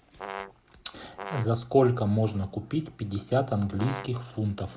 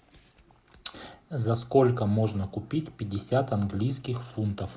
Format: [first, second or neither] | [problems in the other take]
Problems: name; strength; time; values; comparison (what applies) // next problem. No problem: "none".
second | background sound (Brass instrument); 13 dB below the speech